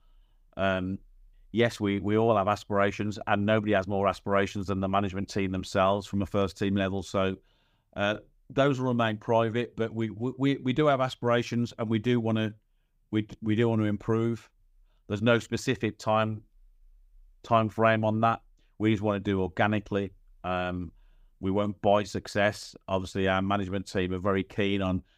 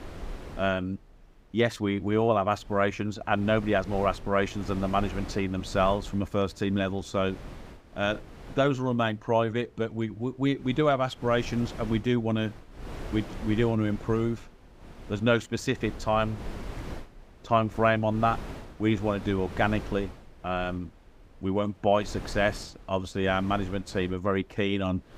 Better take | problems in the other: first | wind noise on the microphone; occasional gusts; 20 dB below the speech

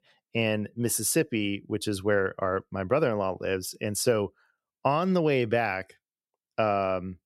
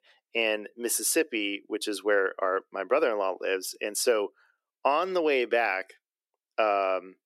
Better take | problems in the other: first | thin; somewhat; fading below 300 Hz

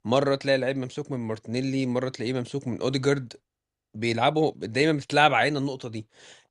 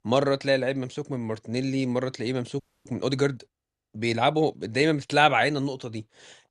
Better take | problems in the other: first | audio freezing; at 2.5 s

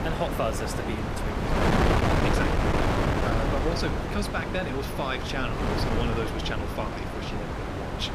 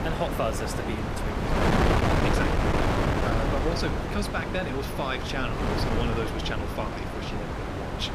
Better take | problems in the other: neither | wind noise on the microphone; heavy; 3 dB above the speech; the same in both

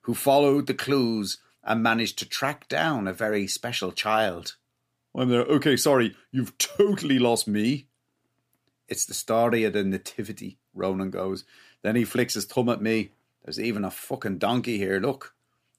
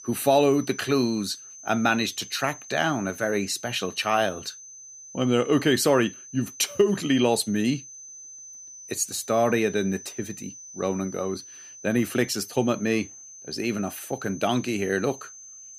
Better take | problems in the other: first | high-pitched whine; noticeable; throughout; 6 kHz, 15 dB below the speech

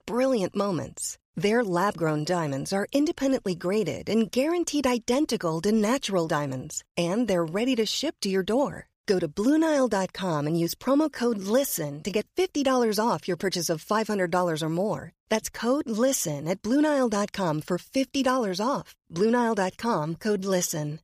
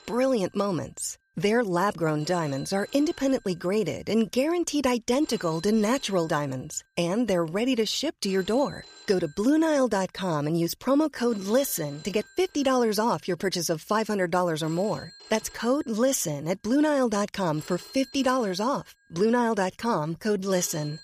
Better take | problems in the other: first | alarms or sirens; faint; throughout; 20 dB below the speech

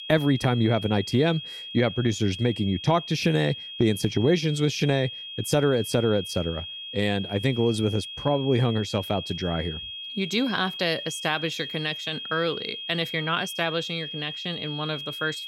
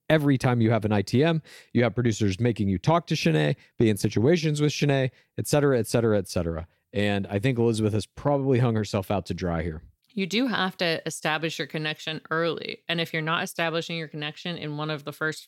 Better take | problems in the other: second | high-pitched whine; loud; throughout; 3.5 kHz, 8 dB below the speech

